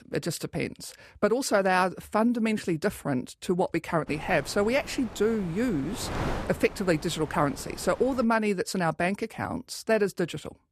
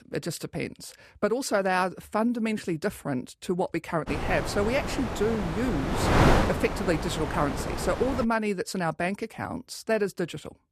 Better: first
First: wind noise on the microphone; occasional gusts; from 4 to 8 s; 10 dB below the speech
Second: wind noise on the microphone; heavy; from 4 to 8 s; as loud as the speech

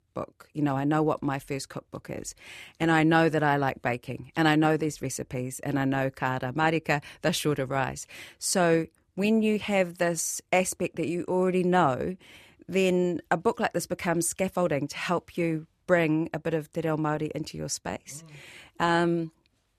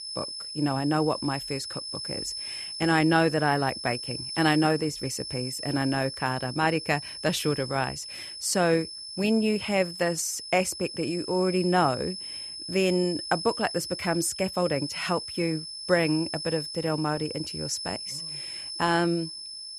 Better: first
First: none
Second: high-pitched whine; loud; throughout; 5.5 kHz, 7 dB below the speech

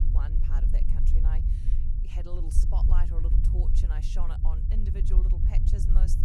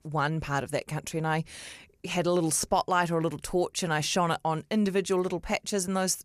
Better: second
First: low rumble; loud; throughout; 1 dB below the speech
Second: none

